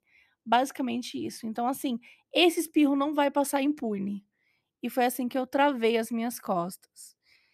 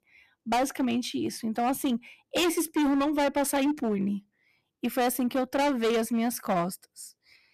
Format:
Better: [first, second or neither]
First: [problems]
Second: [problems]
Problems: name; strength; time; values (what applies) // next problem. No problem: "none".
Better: first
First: none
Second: distortion; heavy; 14% of the sound clipped